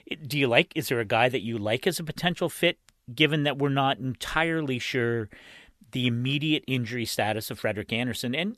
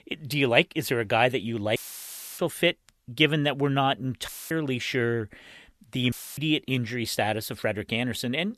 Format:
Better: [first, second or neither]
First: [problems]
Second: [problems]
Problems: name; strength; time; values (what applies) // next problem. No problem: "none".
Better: first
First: none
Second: audio cutting out; filled with static; at 2 s for 0.5 s, at 4.5 s and at 6 s